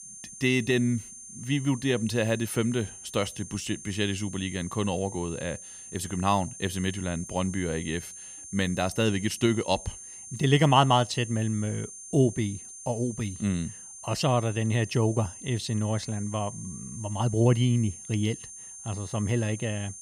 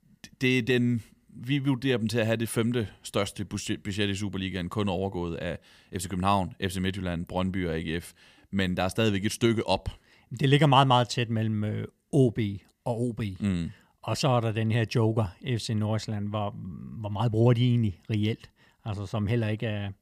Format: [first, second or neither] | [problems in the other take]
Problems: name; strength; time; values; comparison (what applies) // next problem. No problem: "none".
second | high-pitched whine; noticeable; throughout; 6.5 kHz, 15 dB below the speech